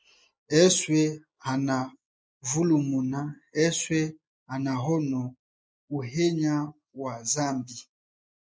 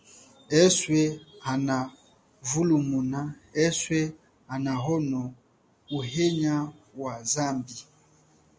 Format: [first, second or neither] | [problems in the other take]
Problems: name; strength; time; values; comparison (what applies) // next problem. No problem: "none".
second | noise reduction (neural mask model Resemble Enhance denoiser)